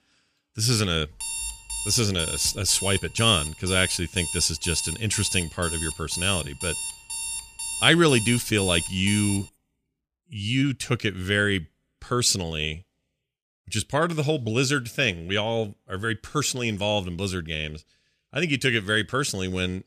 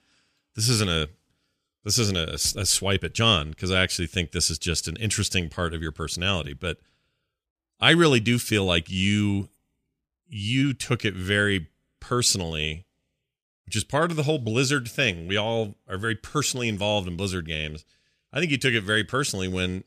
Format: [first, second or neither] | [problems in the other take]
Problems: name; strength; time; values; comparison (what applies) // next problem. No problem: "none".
second | alarm; noticeable; from 1 to 9.5 s; peak 4 dB below the speech